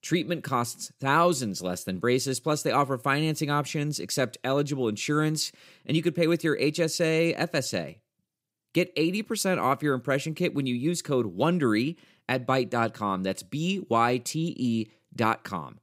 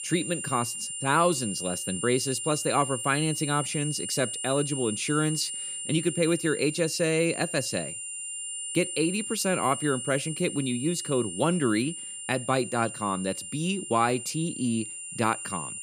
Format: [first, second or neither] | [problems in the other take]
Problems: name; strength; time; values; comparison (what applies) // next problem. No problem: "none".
first | high-pitched whine; loud; throughout; 9.5 kHz, 5 dB below the speech